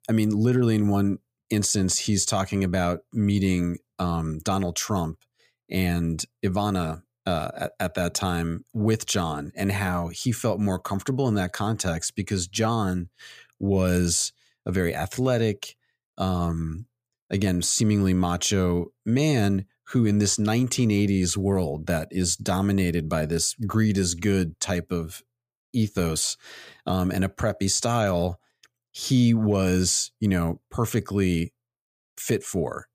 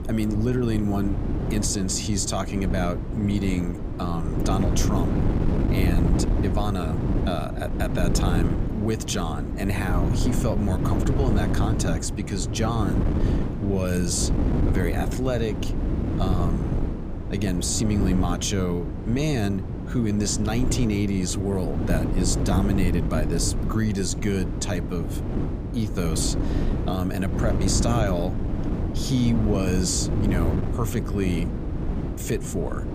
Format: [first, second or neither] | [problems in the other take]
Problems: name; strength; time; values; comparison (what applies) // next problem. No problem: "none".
first | wind noise on the microphone; heavy; 4 dB below the speech